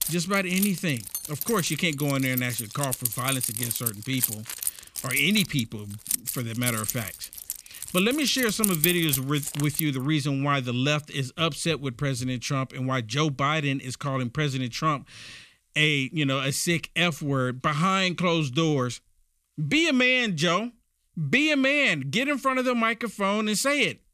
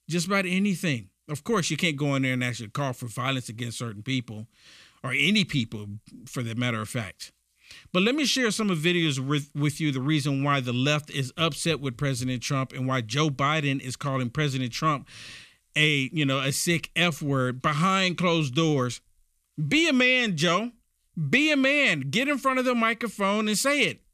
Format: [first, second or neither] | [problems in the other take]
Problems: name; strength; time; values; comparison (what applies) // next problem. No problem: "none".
second | jangling keys; loud; until 10 s; peak 1 dB above the speech